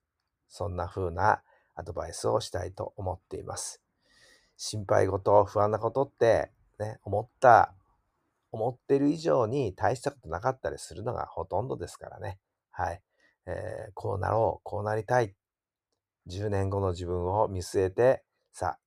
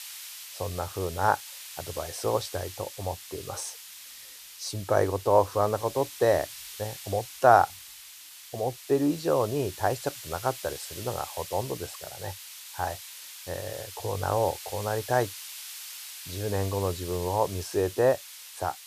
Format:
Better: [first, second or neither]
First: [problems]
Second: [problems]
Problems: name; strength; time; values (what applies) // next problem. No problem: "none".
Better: first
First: none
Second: hiss; noticeable; throughout; 10 dB below the speech